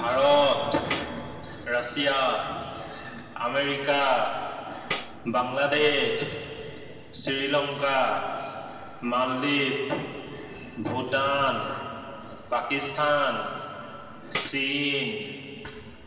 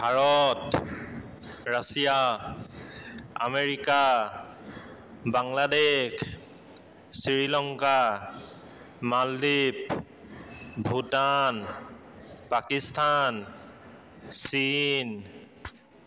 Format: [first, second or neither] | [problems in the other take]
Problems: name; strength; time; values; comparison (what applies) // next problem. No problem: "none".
second | background sound (Tambourine); 12 dB below the speech // room echo; dies away in 2.7 s